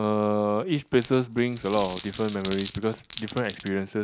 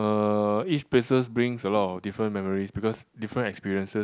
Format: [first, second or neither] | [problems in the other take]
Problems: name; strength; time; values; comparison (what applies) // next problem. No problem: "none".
second | background sound (Glass); 17 dB below the speech